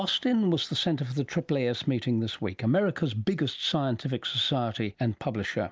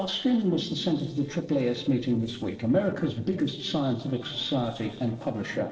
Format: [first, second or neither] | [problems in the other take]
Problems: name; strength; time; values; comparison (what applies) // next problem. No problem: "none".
first | noise reduction (neural separator model SepFormer DNS4)